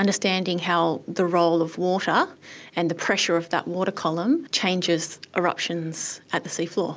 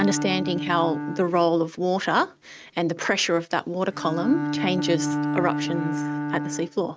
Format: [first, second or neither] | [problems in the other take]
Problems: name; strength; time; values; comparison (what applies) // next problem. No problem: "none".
first | noise reduction (neural mask model RNNoise)